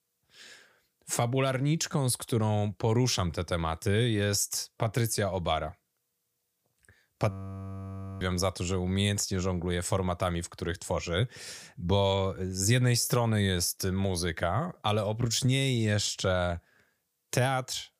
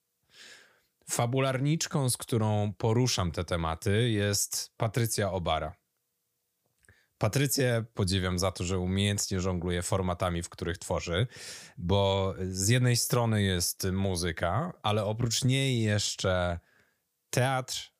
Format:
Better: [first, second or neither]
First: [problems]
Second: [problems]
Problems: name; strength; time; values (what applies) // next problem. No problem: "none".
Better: second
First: audio freezing; at 7.5 s for 1 s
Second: none